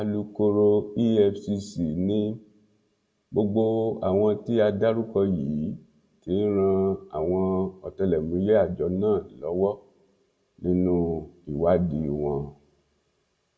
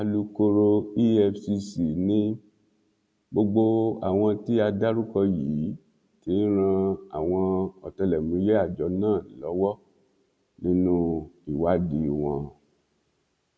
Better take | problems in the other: second | room echo; dies away in 0.2 s

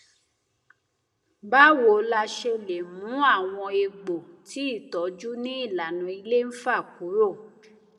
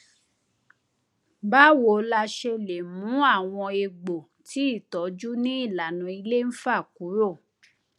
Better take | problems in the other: second | room echo; dies away in 0.9 s

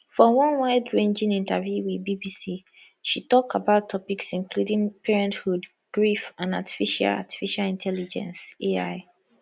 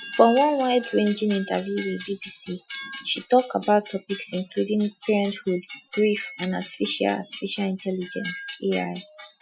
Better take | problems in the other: first | noise reduction (classical method Wiener filter)

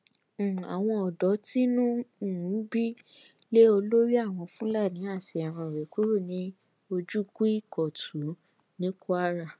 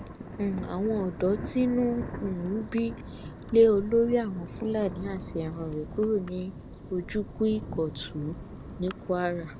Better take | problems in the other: first | background sound (Thunder); 11 dB below the speech

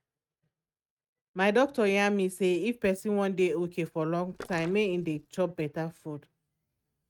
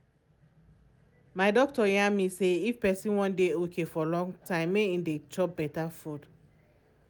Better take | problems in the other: second | noise reduction (neural mask model RNNoise)

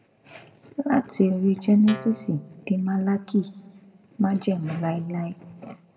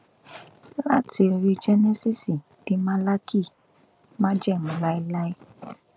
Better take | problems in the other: second | background sound (Guitar); 15 dB below the speech // room echo; dies away in 0.8 s

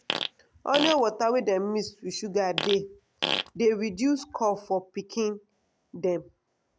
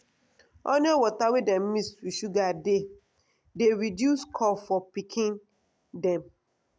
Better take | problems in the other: second | background sound (Fart); 4 dB below the speech

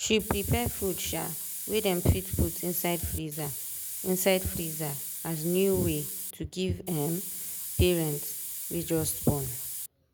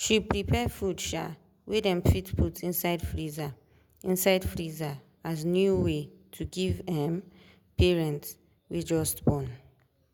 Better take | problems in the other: second | background sound (Hiss); 6 dB below the speech

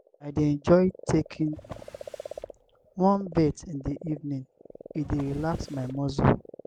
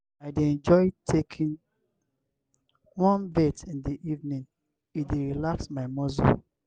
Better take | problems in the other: second | background sound (Frog + Drawer open or close); 18 dB below the speech

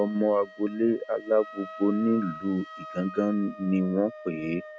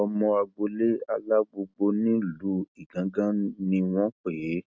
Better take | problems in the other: second | background sound (Wind instrument, woodwind instrument); 16 dB below the speech

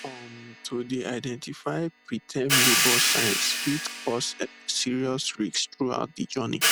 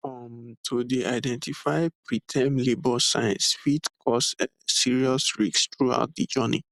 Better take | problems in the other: second | background sound (Hi-hat); 1 dB above the speech

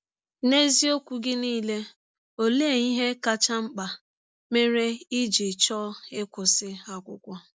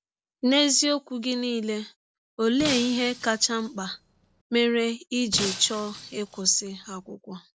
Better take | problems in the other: first | background sound (Shatter); 11 dB below the speech

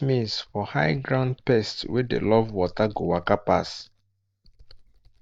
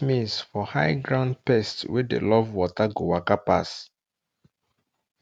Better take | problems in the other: second | noise reduction (neural mask model DeepFilterNet 3)

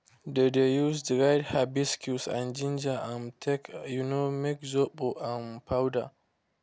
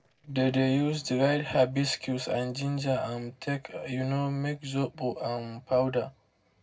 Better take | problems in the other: first | noise reduction (neural separator model SepFormer DNS4)

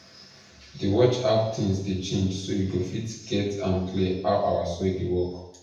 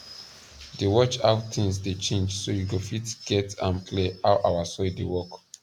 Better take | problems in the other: second | room echo; dies away in 0.8 s

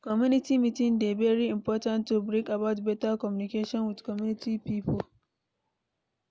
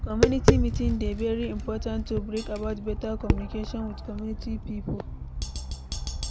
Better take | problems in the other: first | background sound (Tap); 3 dB above the speech

